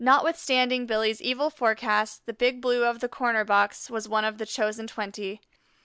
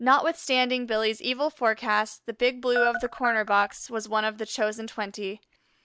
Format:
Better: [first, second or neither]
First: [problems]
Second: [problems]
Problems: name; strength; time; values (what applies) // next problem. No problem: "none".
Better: first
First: none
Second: noise reduction (neural mask model DeepFilterNet 3)